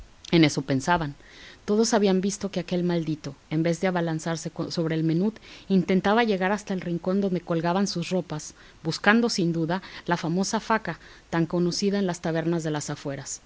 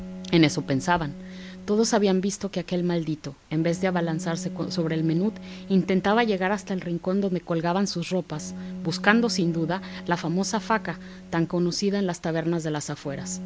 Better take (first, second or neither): first